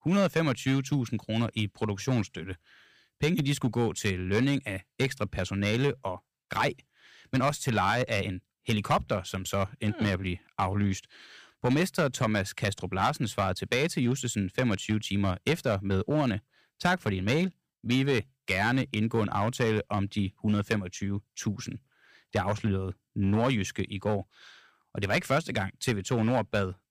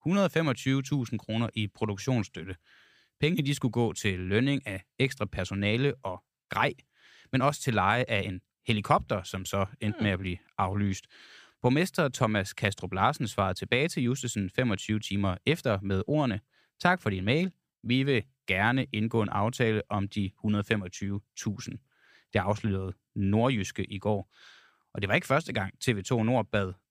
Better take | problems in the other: second | distortion; slight; 3% of the sound clipped

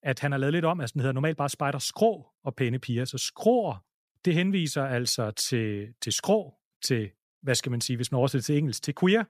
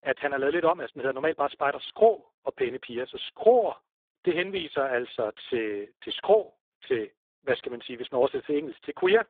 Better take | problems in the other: first | phone-call audio; poor line

